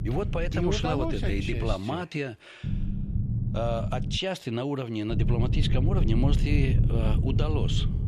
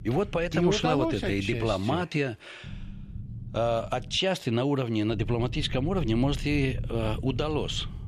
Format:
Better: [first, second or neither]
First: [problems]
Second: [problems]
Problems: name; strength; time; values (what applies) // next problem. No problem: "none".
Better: second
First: low rumble; loud; until 1.5 s, from 2.5 to 4 s and from 5 s on; 8 dB below the speech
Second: low rumble; faint; until 1.5 s, from 2.5 to 4 s and from 5 s on; 20 dB below the speech